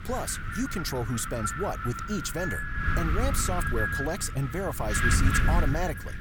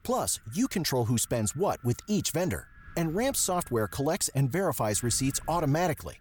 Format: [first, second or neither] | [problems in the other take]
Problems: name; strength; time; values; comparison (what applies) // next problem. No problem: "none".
second | wind noise on the microphone; heavy; 2 dB above the speech; occasional gusts in the second